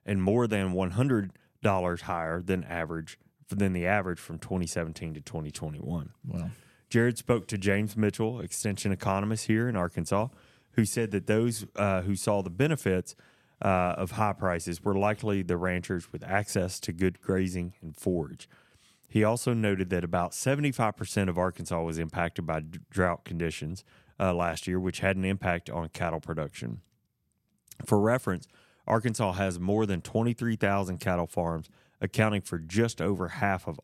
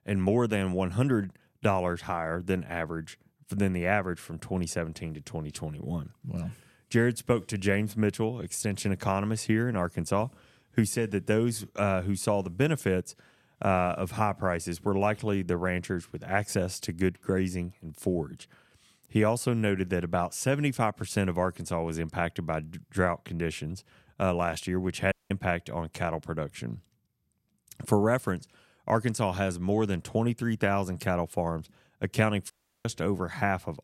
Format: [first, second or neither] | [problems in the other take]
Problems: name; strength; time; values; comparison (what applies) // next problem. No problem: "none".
first | audio cutting out; at 25 s and at 33 s